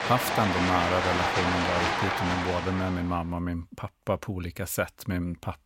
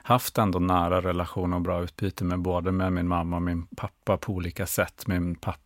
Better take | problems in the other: second | crowd noise; very loud; until 2.5 s; 2 dB above the speech

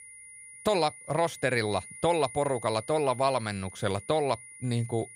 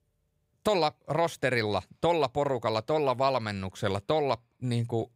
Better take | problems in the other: second | high-pitched whine; noticeable; throughout; 2 kHz, 15 dB below the speech

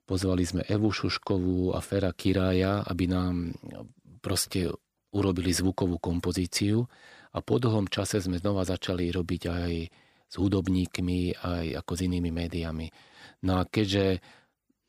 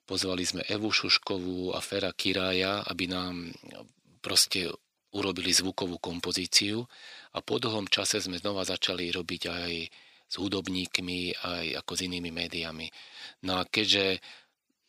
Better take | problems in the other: first | thin; very slightly; fading below 950 Hz

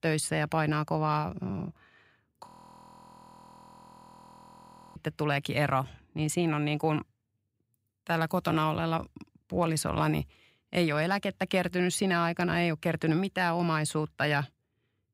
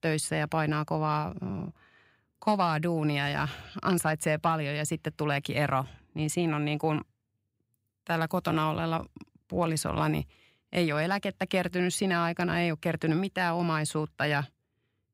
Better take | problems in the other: second | audio freezing; at 2.5 s for 2.5 s

